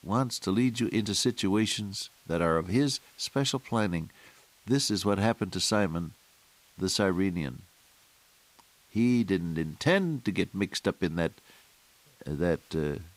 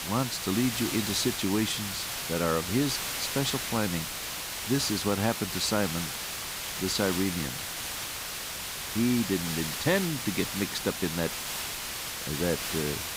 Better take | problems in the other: first | hiss; loud; throughout; 2 dB below the speech; faint in the first

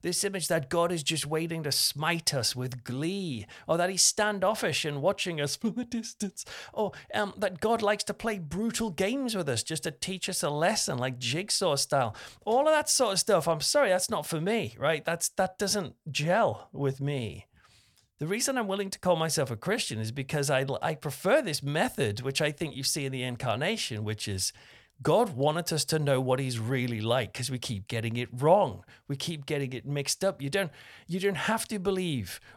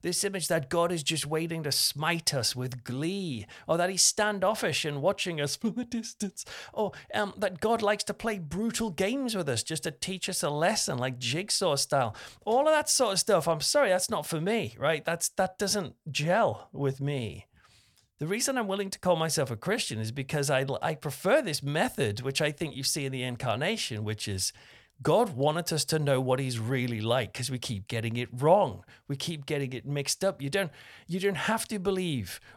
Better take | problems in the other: neither | none

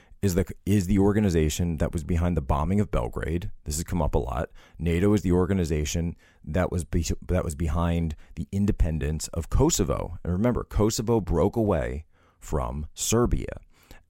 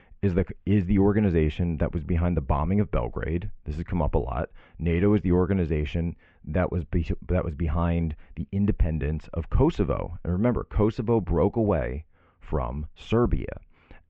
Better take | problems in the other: first | muffled; very; fading above 2.5 kHz

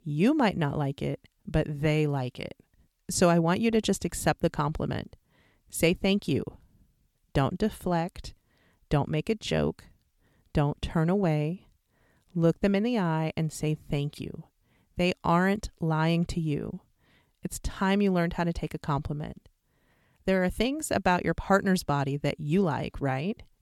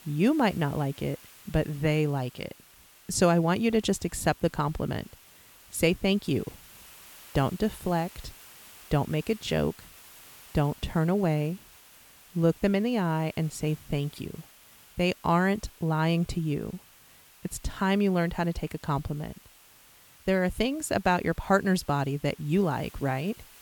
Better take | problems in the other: first | hiss; faint; throughout; 25 dB below the speech

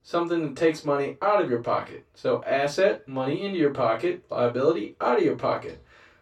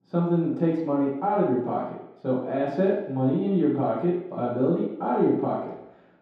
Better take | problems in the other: first | room echo; strong; dies away in 0.8 s; slight in the first // off-mic speech; far; far in the first

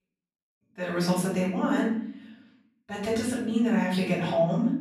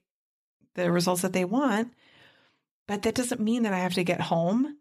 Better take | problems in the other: second | off-mic speech; far // room echo; noticeable; dies away in 0.7 s

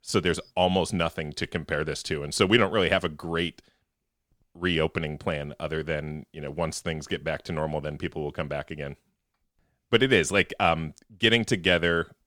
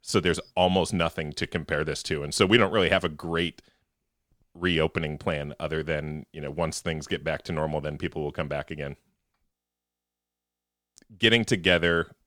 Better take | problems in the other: first | audio freezing; at 9.5 s for 1.5 s

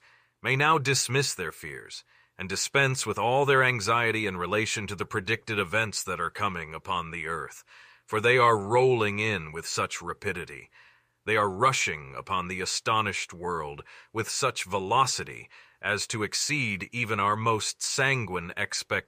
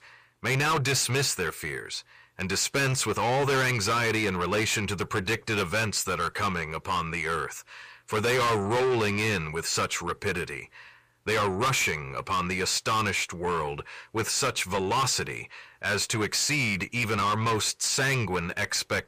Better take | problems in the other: first | distortion; heavy; 6 dB below the speech

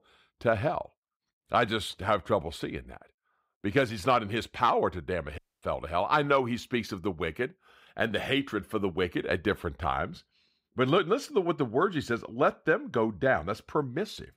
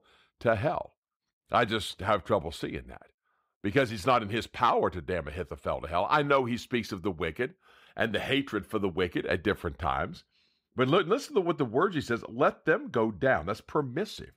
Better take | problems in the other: second | audio cutting out; at 5.5 s

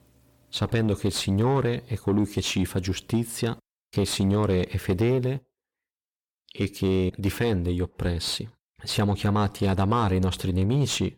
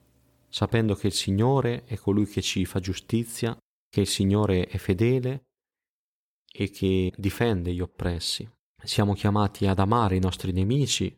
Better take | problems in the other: second | distortion; slight; 10 dB below the speech

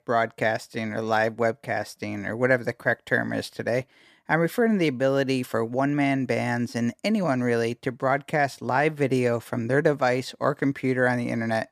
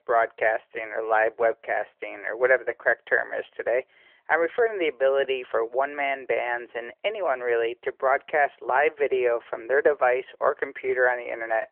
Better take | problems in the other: first | phone-call audio; nothing above 3 kHz

